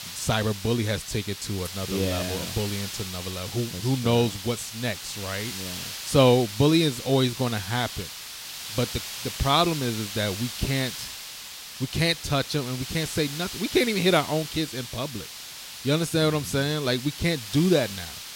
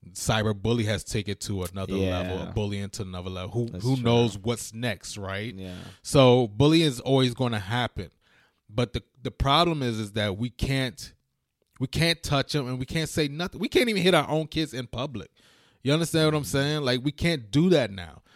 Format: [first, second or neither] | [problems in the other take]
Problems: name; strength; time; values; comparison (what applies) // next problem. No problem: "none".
second | hiss; loud; throughout; 9 dB below the speech